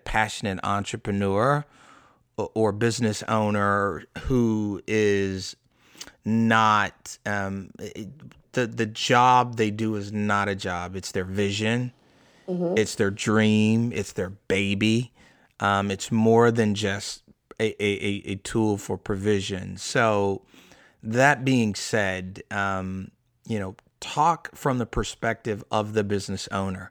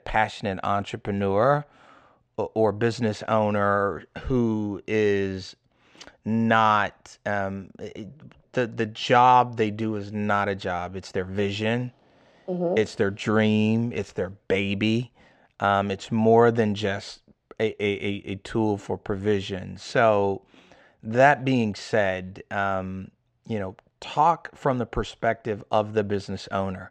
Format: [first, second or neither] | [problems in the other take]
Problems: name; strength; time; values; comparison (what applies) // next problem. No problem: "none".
first | muffled; slightly; fading above 4.5 kHz